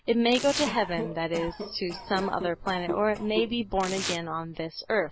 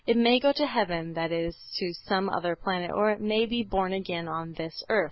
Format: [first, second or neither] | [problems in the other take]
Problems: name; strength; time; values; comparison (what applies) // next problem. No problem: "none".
second | background sound (Cough + Tearing); 9 dB below the speech